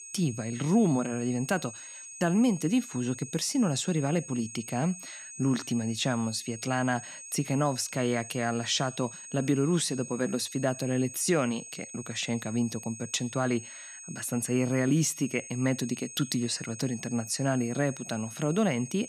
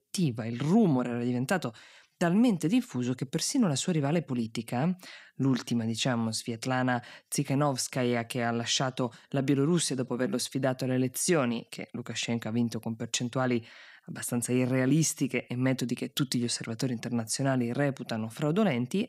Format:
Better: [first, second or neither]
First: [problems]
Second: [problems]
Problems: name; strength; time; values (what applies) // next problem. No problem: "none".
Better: second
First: high-pitched whine; noticeable; throughout; 6.5 kHz, 10 dB below the speech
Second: none